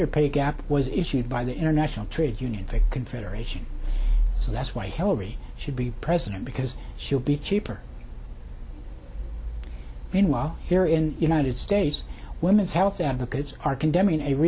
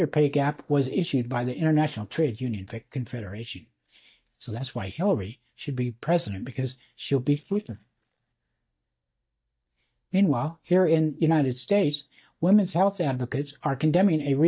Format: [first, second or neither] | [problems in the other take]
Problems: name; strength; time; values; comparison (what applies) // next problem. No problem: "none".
first | noise reduction (neural mask model DeepFilterNet 3)